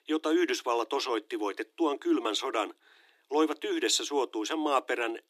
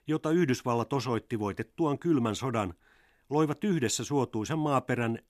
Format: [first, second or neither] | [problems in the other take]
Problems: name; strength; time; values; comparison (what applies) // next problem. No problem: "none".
second | thin; very; fading below 300 Hz